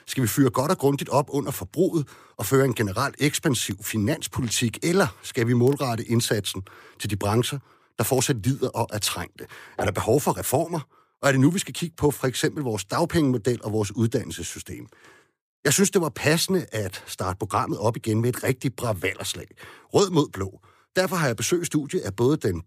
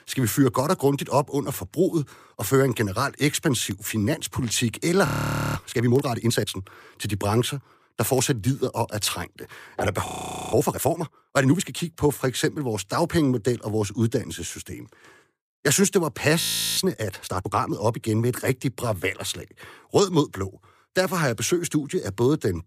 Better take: first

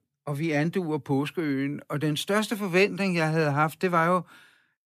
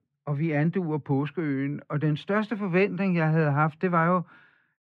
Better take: first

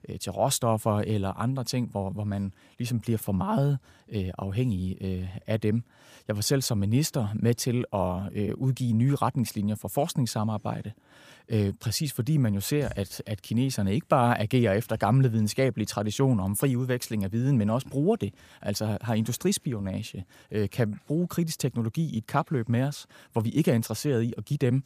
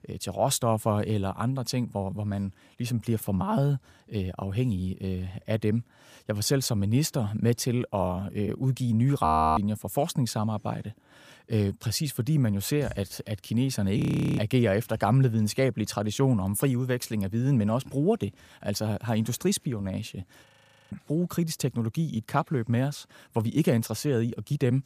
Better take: first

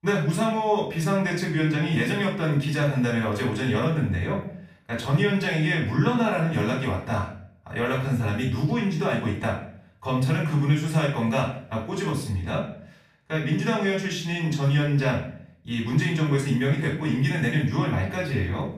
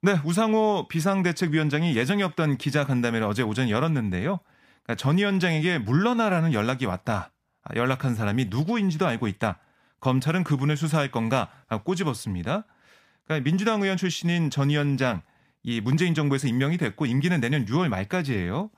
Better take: second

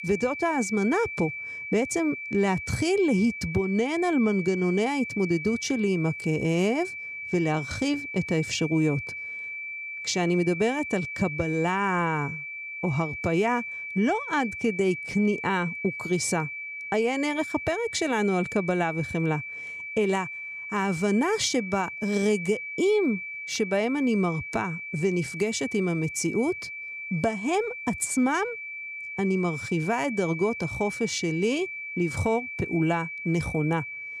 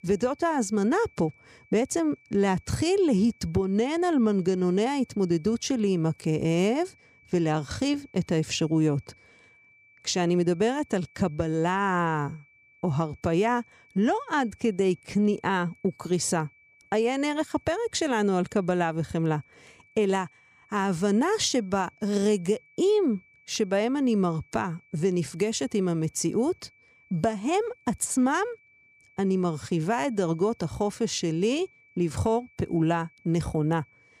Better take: second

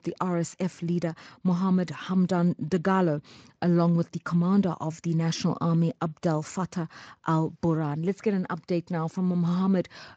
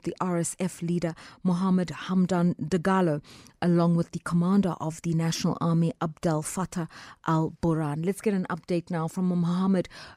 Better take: second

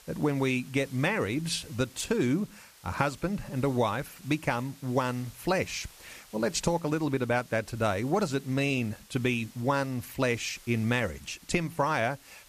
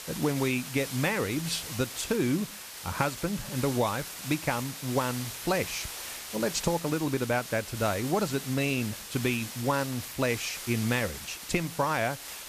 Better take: first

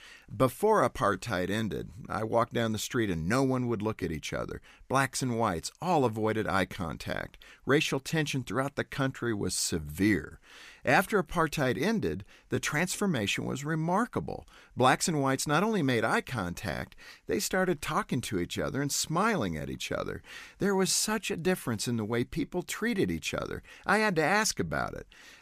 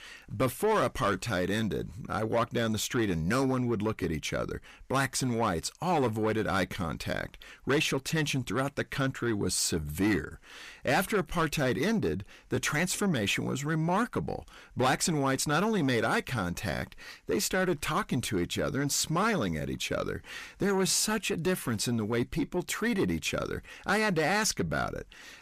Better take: first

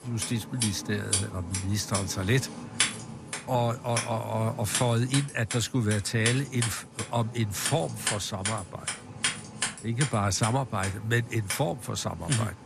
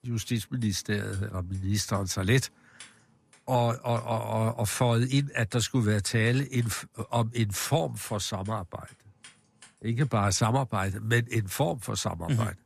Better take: second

